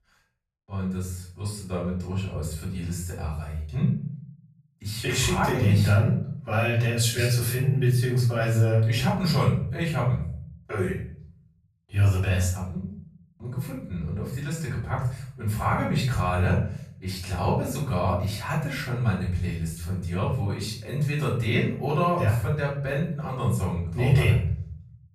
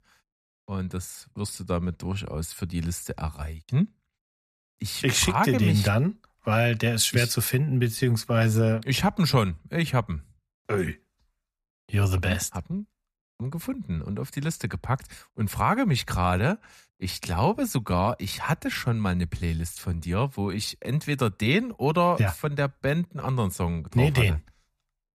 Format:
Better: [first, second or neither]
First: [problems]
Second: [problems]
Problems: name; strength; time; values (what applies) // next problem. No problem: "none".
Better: second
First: off-mic speech; far // room echo; noticeable; dies away in 0.6 s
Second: none